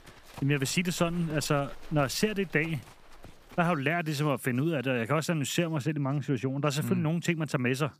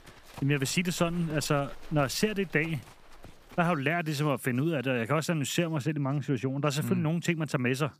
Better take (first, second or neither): neither